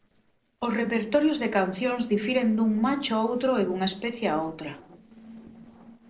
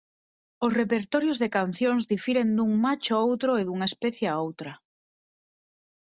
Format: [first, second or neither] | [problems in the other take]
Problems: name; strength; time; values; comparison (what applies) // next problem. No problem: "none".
second | noise reduction (neural separator model SepFormer DNS4)